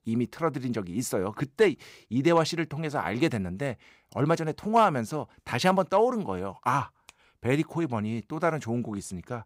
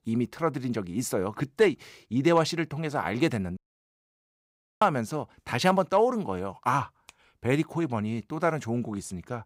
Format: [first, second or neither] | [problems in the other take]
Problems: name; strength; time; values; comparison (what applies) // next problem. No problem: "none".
first | audio cutting out; at 3.5 s for 1 s